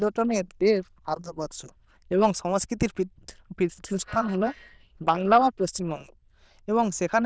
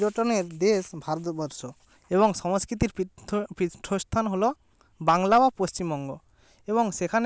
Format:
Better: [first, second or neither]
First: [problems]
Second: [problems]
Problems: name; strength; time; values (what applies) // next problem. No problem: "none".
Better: second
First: noise reduction (neural diffusion model UNIVERSE++)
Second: none